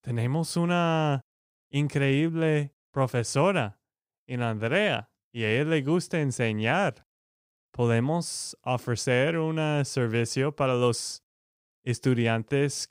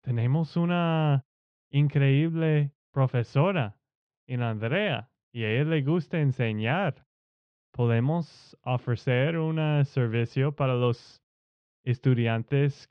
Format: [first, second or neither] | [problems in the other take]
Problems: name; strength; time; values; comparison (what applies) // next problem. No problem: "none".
first | muffled; slightly; fading above 3.5 kHz